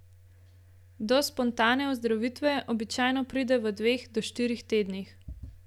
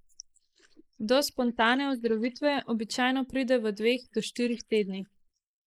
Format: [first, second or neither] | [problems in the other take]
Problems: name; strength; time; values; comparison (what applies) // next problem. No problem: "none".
first | noise reduction (neural mask model Resemble Enhance denoiser)